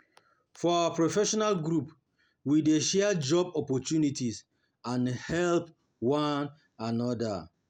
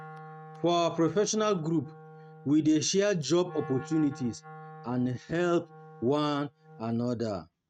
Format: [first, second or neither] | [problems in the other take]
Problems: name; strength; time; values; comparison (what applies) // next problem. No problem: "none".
first | noise reduction (neural mask model RNNoise)